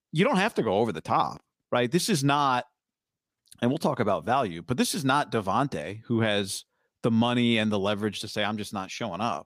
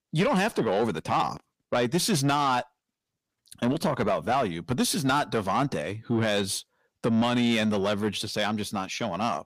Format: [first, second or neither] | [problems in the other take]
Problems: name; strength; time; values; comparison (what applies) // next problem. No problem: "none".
first | distortion; slight; 10 dB below the speech